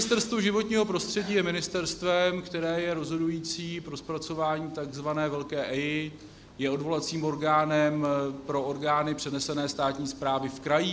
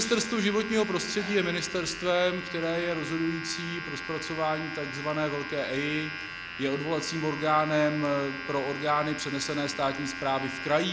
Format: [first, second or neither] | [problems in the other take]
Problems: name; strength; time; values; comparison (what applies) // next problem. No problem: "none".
first | background sound (Domestic sounds, home sounds); 9 dB below the speech